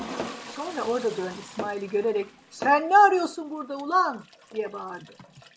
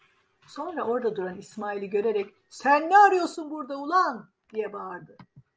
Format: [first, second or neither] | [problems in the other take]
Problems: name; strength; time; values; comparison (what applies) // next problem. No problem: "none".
second | background sound (Toilet flush + Tap / Hammer); 15 dB below the speech